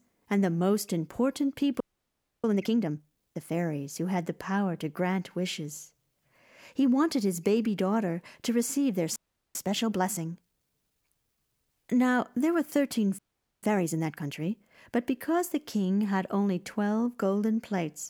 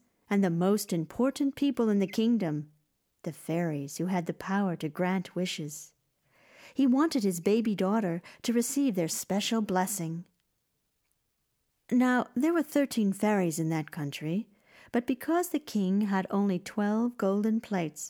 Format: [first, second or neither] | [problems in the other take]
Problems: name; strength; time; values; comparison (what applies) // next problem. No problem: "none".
second | audio freezing; at 2 s for 0.5 s, at 9 s and at 13 s